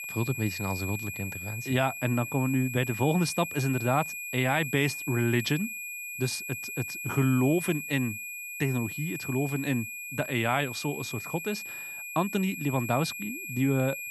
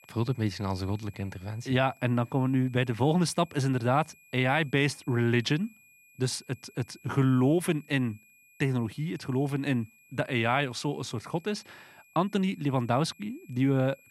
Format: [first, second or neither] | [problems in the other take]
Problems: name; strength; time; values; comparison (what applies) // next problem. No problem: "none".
second | high-pitched whine; loud; throughout; 2.5 kHz, 6 dB below the speech; faint in the second